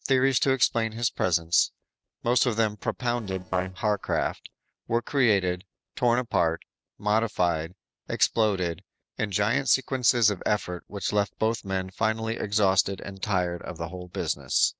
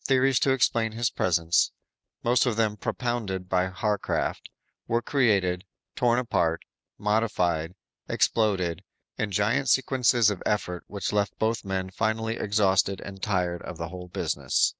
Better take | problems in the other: second | noise reduction (neural separator model SepFormer DNS4)

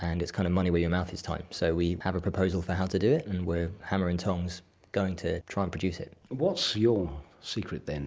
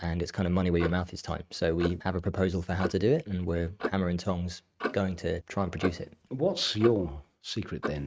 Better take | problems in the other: first | noise reduction (neural mask model RNNoise)

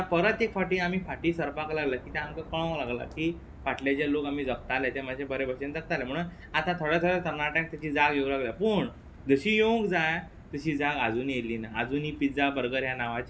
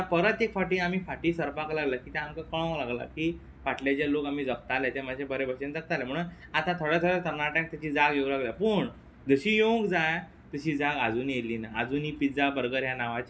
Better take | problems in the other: second | background sound (Thunder / Rain + Fire); 19 dB below the speech

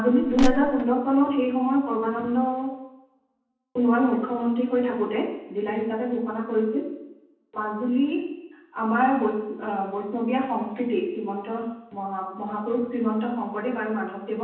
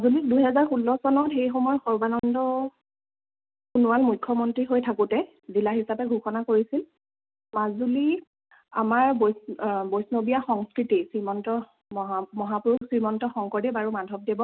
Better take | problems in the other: second | background sound (Crushing); as loud as the speech // room echo; dies away in 0.9 s

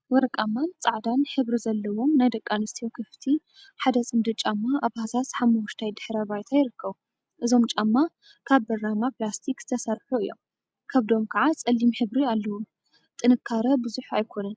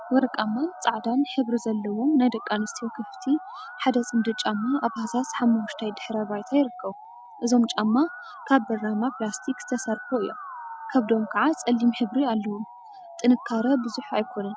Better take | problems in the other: first | background sound (Musical instrument); 15 dB below the speech

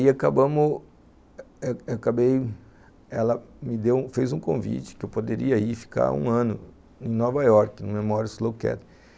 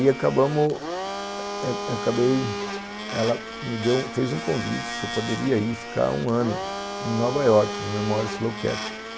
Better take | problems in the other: first | background sound (Domestic sounds, home sounds); 7 dB below the speech

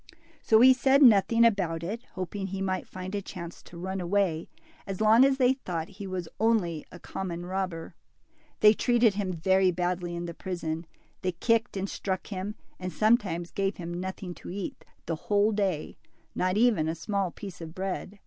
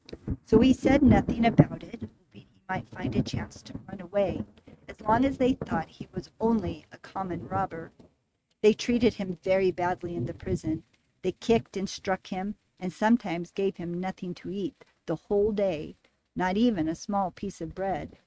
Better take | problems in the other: first | noise reduction (neural mask model RNNoise)

